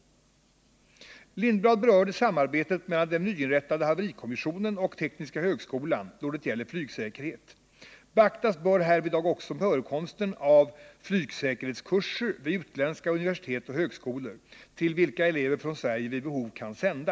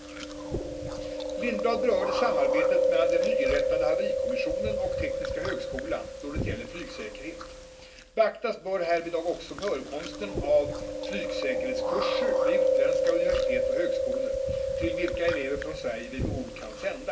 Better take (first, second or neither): first